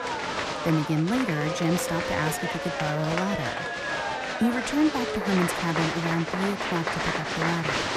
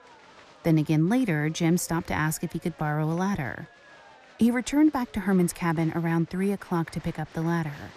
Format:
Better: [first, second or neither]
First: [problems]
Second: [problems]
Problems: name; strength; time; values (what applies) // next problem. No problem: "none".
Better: second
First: crowd noise; loud; throughout; 1 dB below the speech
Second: crowd noise; faint; throughout; 25 dB below the speech